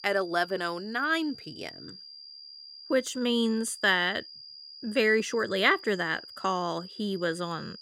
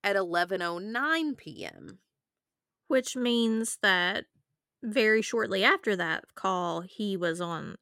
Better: second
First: high-pitched whine; noticeable; throughout; 5 kHz, 15 dB below the speech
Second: none

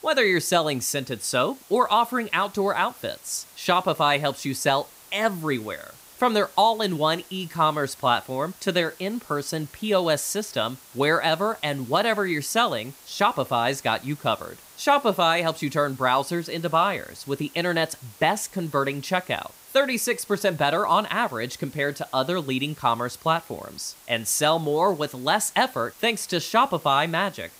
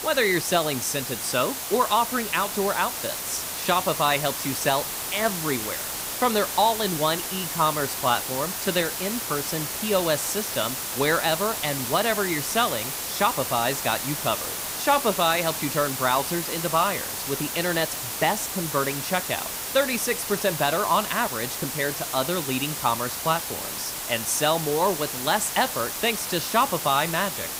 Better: first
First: hiss; faint; throughout; 25 dB below the speech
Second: hiss; loud; throughout; 3 dB below the speech

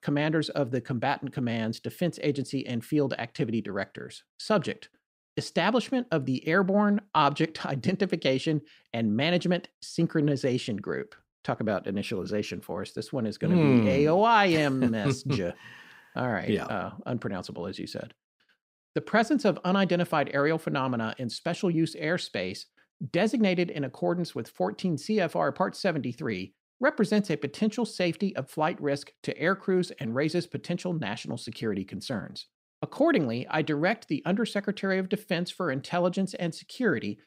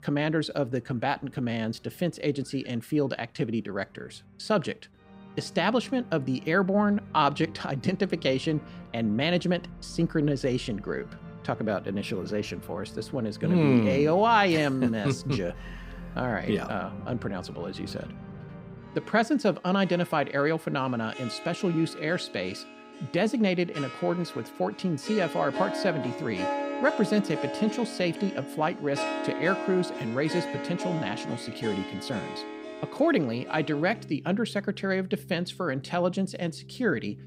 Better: first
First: none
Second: background music; noticeable; throughout; 10 dB below the speech

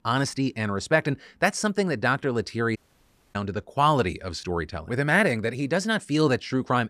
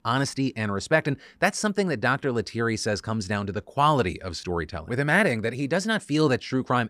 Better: second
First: audio cutting out; at 3 s for 0.5 s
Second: none

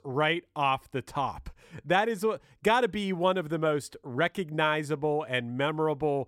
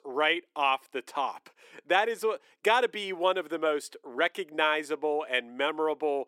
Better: first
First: none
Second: thin; somewhat; fading below 300 Hz

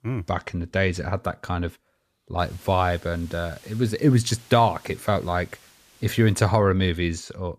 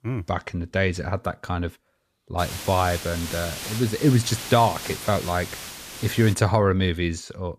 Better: first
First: hiss; faint; from 2.5 to 6.5 s; 25 dB below the speech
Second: hiss; loud; from 2.5 to 6.5 s; 9 dB below the speech

